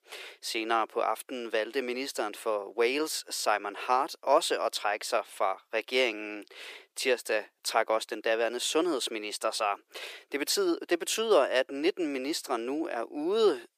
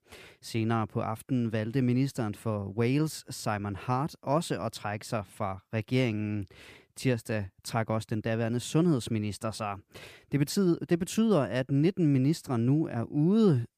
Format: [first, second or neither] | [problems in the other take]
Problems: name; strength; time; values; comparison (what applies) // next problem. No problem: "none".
second | thin; very; fading below 400 Hz